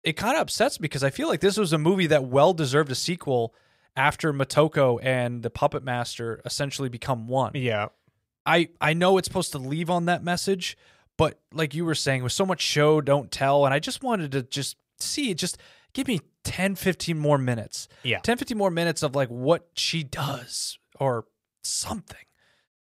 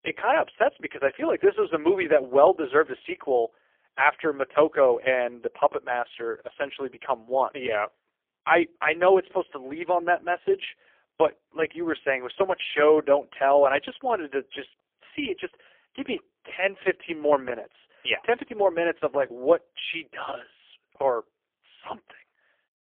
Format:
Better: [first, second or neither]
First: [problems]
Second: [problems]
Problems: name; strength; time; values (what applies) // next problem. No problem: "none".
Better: first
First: none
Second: phone-call audio; poor line; nothing above 3.5 kHz